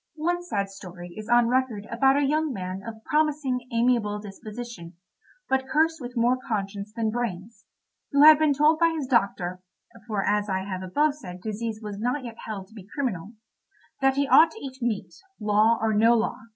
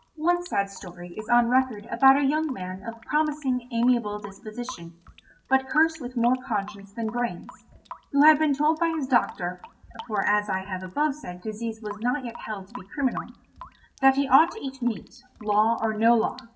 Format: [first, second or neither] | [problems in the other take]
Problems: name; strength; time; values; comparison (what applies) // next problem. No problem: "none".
first | background sound (Drip / Sink (filling or washing) / Water tap, faucet); 20 dB below the speech // room echo; dies away in 0.4 s